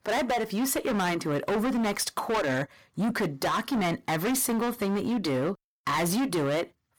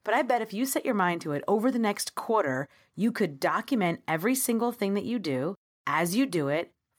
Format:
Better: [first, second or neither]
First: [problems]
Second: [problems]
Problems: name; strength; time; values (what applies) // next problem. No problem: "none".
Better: second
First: distortion; heavy; 26% of the sound clipped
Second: none